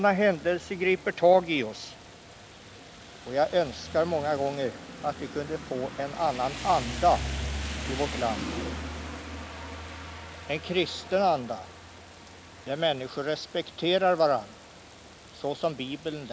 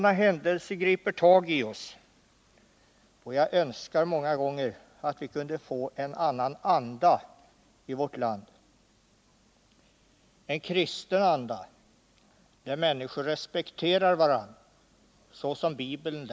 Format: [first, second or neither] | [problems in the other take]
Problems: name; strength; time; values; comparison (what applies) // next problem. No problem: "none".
second | background sound (Rain); 11 dB below the speech